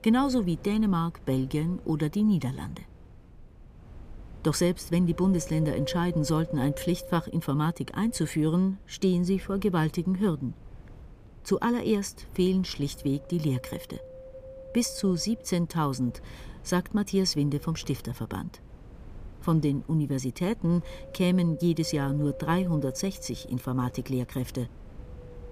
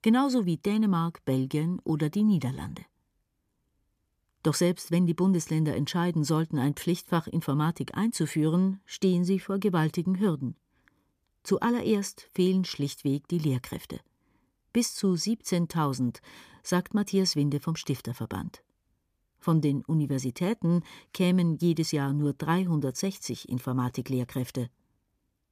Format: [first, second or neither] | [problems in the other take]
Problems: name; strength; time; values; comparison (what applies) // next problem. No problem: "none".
second | wind noise on the microphone; occasional gusts; 15 dB below the speech